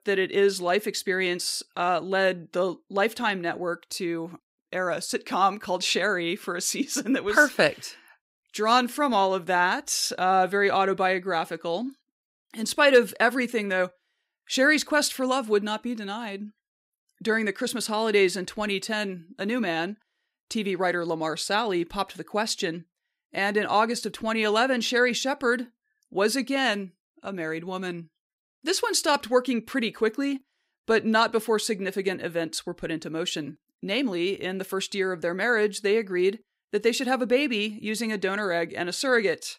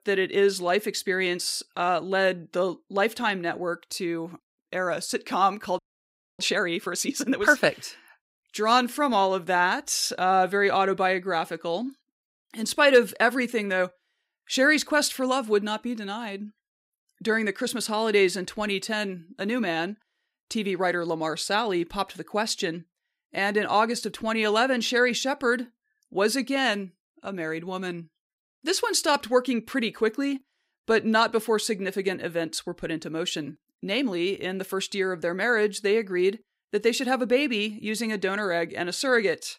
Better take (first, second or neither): first